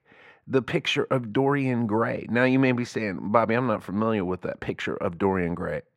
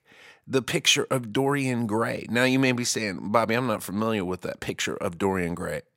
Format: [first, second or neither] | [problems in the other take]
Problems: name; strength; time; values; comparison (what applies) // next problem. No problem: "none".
second | muffled; very; fading above 4 kHz